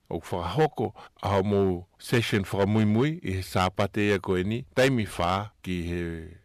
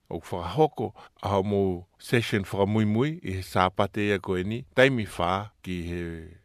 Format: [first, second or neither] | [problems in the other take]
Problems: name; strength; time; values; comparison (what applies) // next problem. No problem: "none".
second | distortion; slight; 4% of the sound clipped